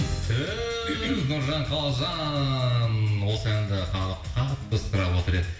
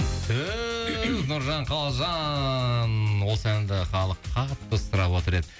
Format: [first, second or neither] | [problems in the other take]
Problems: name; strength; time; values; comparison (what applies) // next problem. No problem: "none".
second | room echo; dies away in 0.8 s